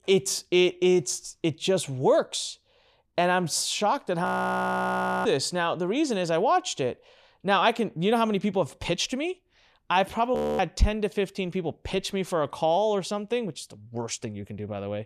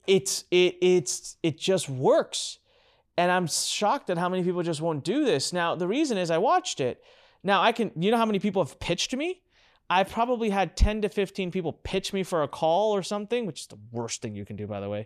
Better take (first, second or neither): second